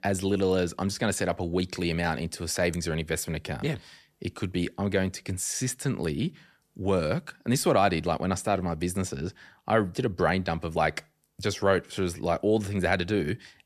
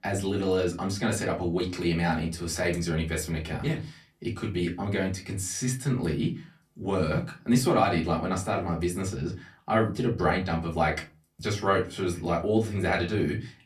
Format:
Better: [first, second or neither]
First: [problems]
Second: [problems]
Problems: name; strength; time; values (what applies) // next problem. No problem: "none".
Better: first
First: none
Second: off-mic speech; far // room echo; very slight; dies away in 0.2 s